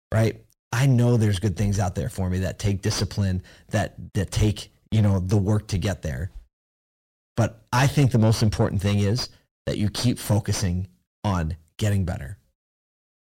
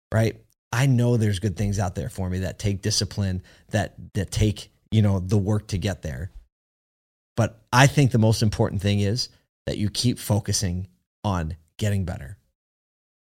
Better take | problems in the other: second | distortion; slight; 9 dB below the speech

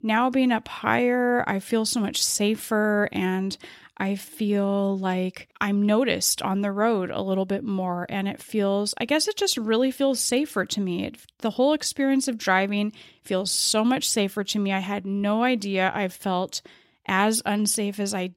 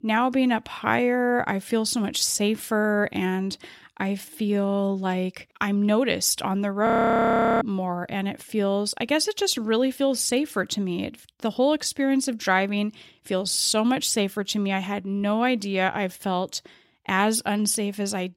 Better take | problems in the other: first | audio freezing; at 7 s for 0.5 s

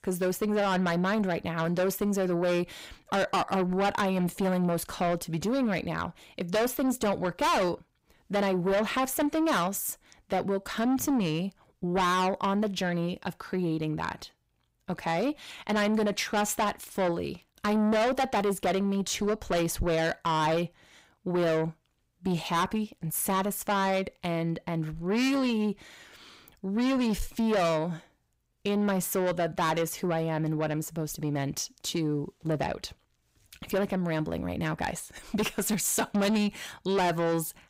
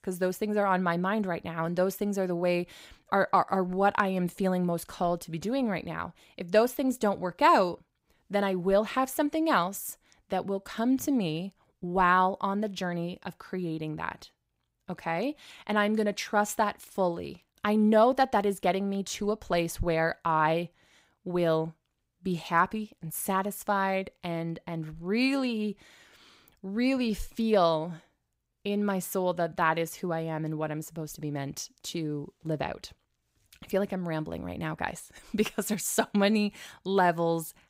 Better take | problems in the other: second | distortion; heavy; 6 dB below the speech

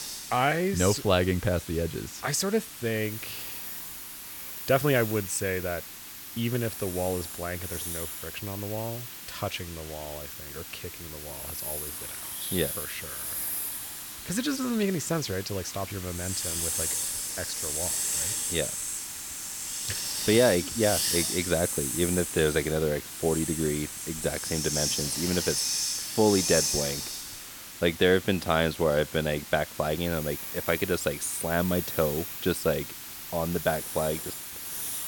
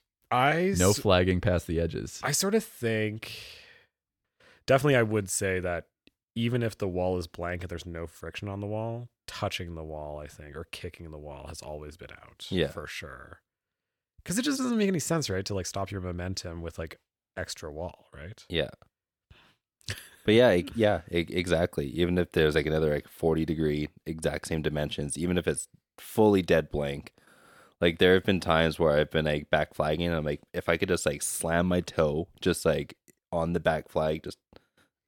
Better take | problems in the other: second | hiss; loud; throughout; 3 dB below the speech

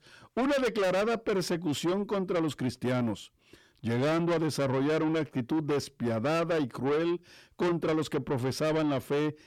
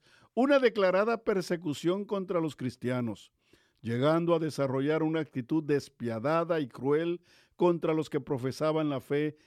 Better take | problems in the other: second | distortion; heavy; 7 dB below the speech

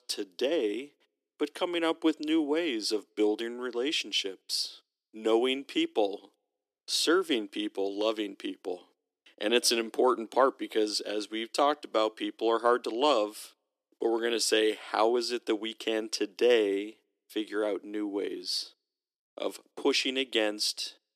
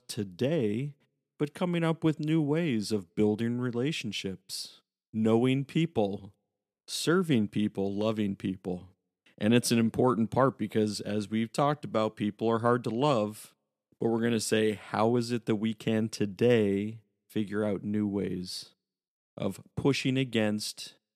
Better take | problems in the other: second | thin; somewhat; fading below 300 Hz

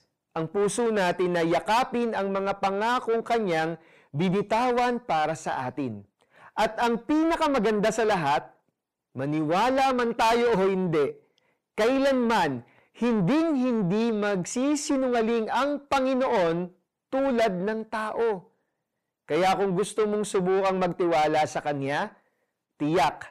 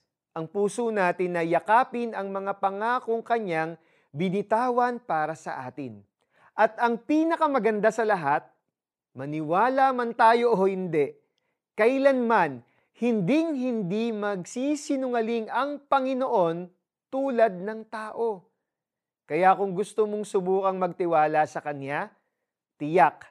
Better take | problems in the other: second | distortion; heavy; 7 dB below the speech

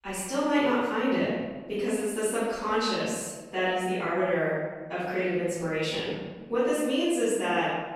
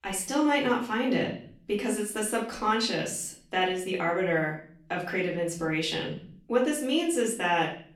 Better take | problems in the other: second | room echo; strong; dies away in 1.3 s; slight in the second // off-mic speech; far; far in the second

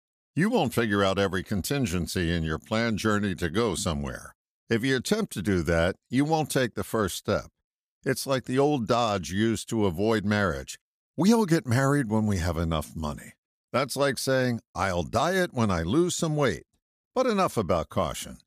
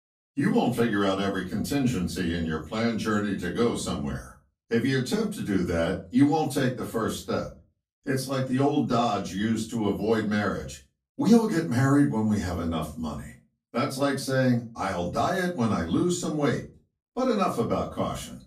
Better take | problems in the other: first | off-mic speech; far // room echo; slight; dies away in 0.3 s

